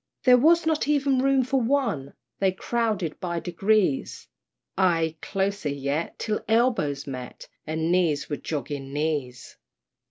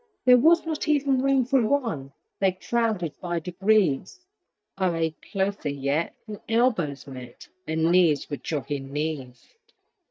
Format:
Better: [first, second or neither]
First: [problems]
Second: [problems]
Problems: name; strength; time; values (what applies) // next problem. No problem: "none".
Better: first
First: none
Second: noise reduction (neural mask model DeepFilterNet 3)